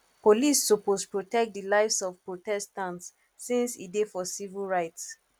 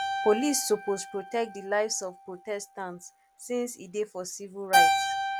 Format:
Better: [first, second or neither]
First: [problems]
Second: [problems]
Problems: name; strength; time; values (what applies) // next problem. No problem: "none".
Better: first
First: none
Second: background sound (Keyboard (musical)); as loud as the speech